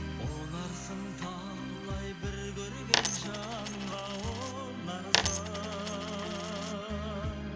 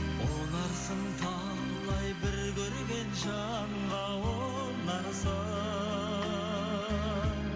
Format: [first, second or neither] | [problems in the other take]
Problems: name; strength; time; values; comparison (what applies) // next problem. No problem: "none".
second | background sound (Coin (dropping)); 2 dB above the speech